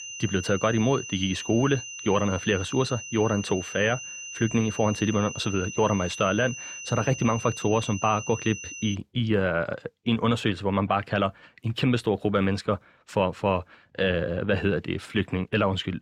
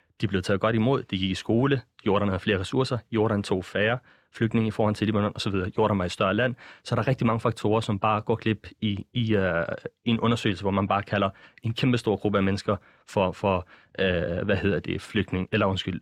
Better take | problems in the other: second | high-pitched whine; loud; until 9 s; 3 kHz, 10 dB below the speech

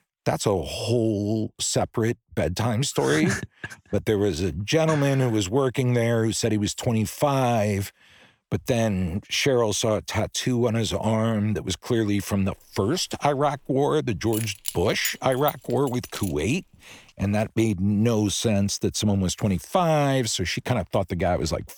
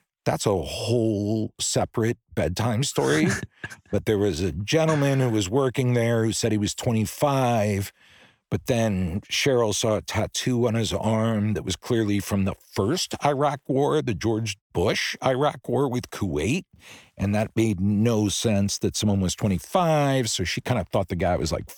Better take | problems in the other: second | jangling keys; noticeable; from 14 to 16 s; peak 7 dB below the speech

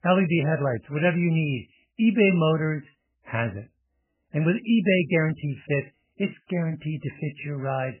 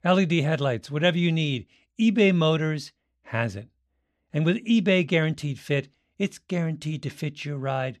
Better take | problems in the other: second | garbled, watery; badly; nothing above 3 kHz

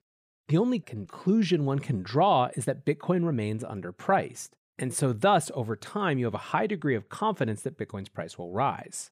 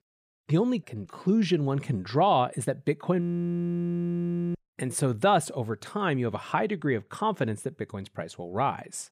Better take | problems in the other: first | audio freezing; at 3 s for 1.5 s

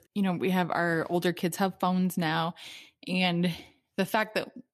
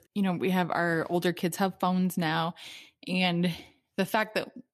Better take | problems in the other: neither | none

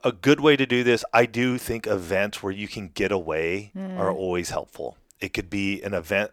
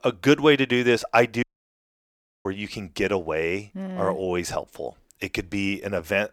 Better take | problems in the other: first | audio cutting out; at 1.5 s for 1 s

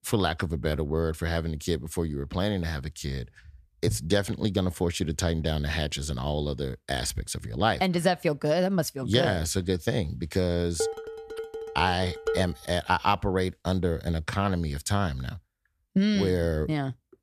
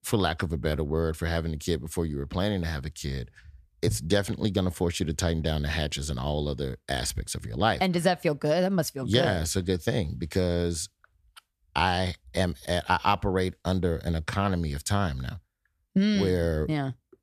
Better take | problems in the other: second | clattering dishes; noticeable; from 11 to 12 s; peak 4 dB below the speech

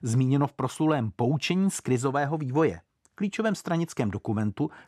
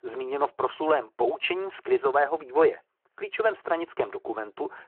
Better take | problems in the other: first | phone-call audio

